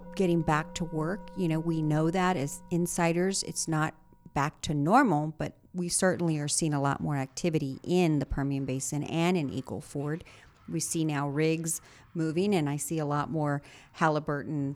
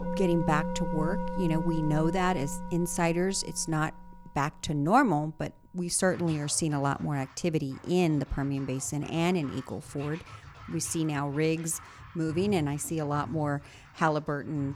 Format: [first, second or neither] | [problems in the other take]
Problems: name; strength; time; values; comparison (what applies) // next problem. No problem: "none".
first | background music; loud; throughout; 10 dB below the speech; faint in the first